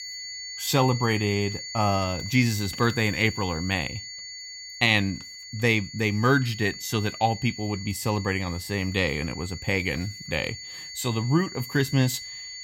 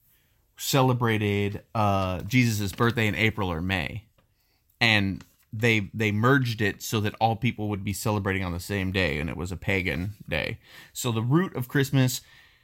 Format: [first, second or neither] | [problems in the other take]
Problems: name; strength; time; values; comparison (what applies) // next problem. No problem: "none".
second | high-pitched whine; noticeable; throughout; 4.5 kHz, 10 dB below the speech